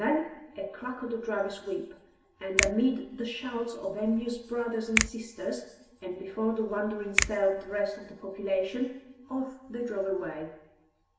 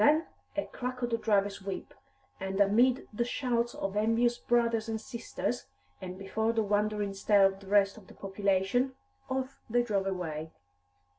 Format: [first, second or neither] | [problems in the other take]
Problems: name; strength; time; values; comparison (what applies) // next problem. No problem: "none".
second | background sound (Finger snapping); 2 dB below the speech // room echo; dies away in 1 s